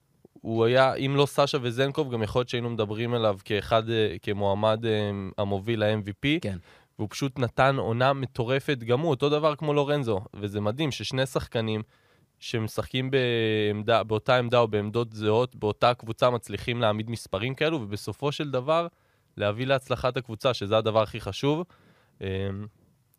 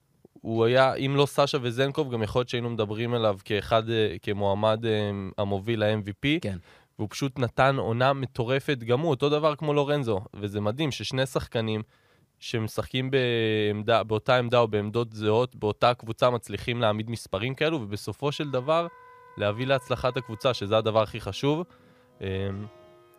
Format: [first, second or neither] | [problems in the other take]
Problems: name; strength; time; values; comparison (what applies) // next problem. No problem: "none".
first | background music; faint; from 18 s on; 25 dB below the speech